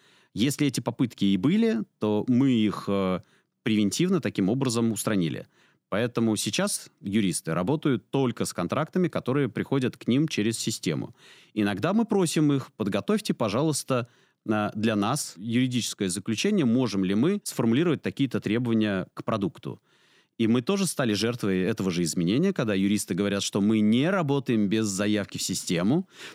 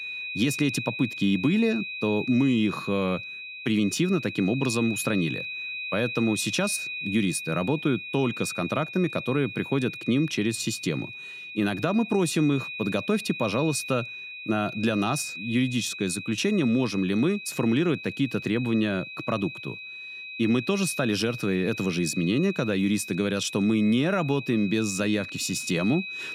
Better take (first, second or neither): first